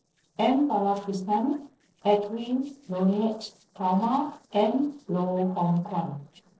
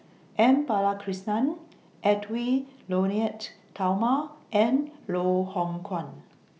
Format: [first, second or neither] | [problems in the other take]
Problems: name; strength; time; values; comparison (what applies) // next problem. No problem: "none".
second | noise reduction (neural separator model SepFormer DNS4)